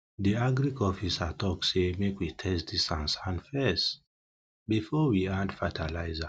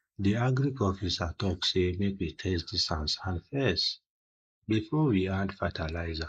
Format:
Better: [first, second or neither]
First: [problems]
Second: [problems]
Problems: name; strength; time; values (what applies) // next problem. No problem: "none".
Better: first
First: none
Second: noise reduction (neural mask model Resemble Enhance denoiser)